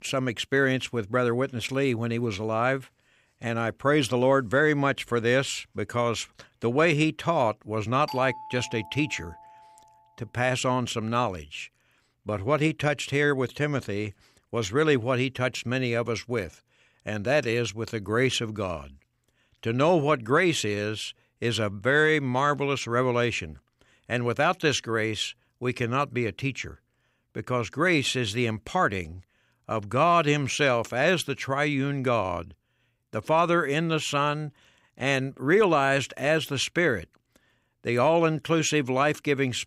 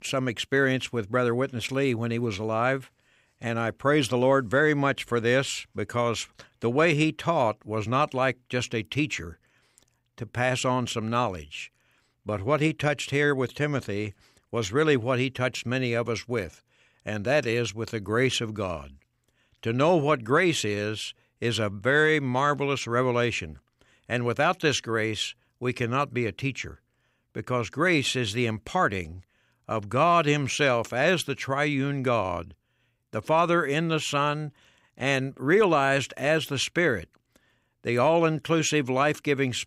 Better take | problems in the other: second | doorbell; faint; from 8 to 9.5 s; peak 10 dB below the speech

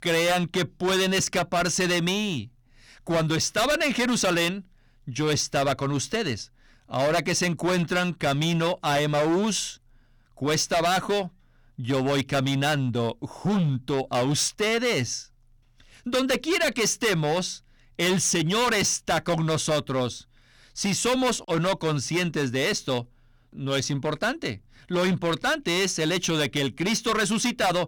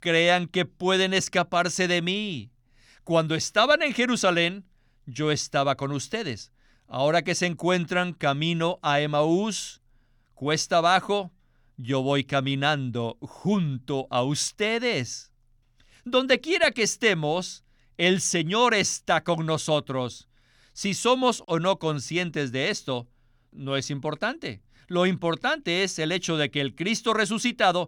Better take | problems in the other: second | distortion; heavy; 16% of the sound clipped

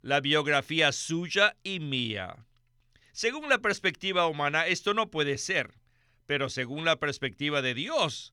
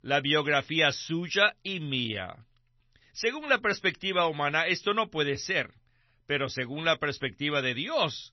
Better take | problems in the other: first | garbled, watery; slightly; nothing above 6 kHz

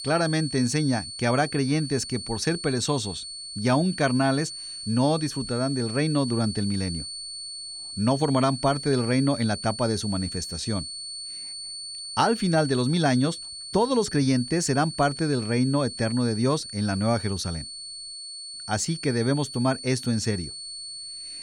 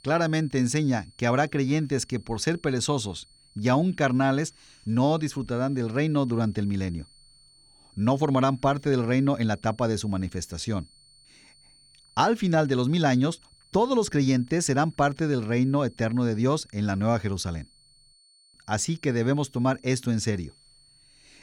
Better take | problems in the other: second | high-pitched whine; loud; throughout; 4.5 kHz, 9 dB below the speech; faint in the second

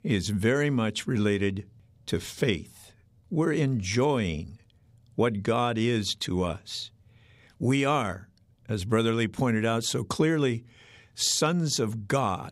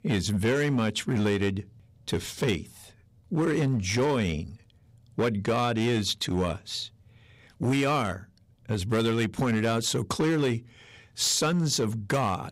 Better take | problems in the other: first | distortion; slight; 9% of the sound clipped

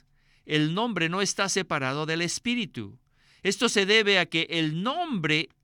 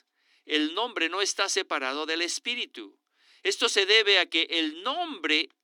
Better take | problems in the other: first | thin; somewhat; fading below 300 Hz

